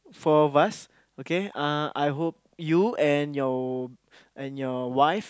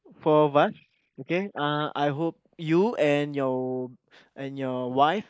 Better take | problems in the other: first | noise reduction (neural mask model Resemble Enhance denoiser)

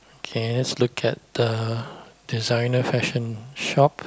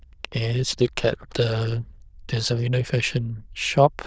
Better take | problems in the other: first | noise reduction (neural diffusion model UNIVERSE++)

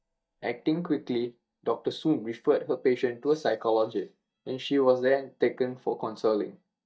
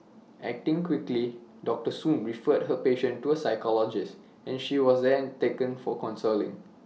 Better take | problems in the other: second | noise reduction (neural mask model DeepFilterNet 3)

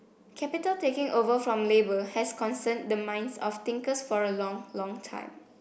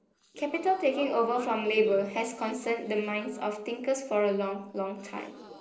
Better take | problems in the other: first | noise reduction (neural separator model SepFormer DNS4)

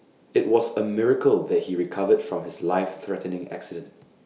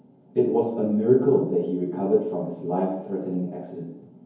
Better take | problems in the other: first | room echo; dies away in 0.9 s

